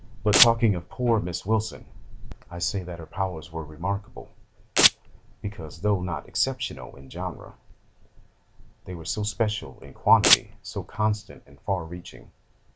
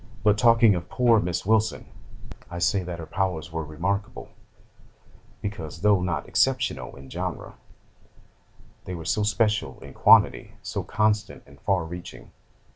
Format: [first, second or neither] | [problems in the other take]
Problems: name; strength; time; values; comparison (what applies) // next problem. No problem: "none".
second | background sound (Domestic sounds, home sounds); 5 dB above the speech